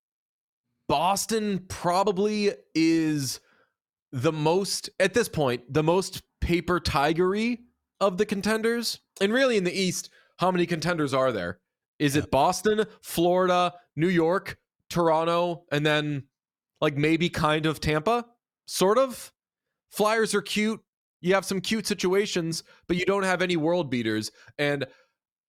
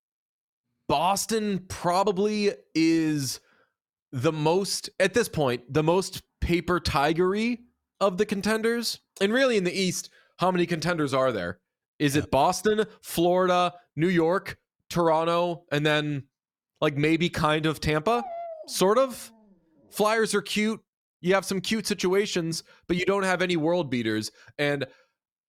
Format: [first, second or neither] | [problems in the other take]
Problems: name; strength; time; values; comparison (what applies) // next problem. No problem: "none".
first | dog barking; faint; from 18 to 20 s; peak 10 dB below the speech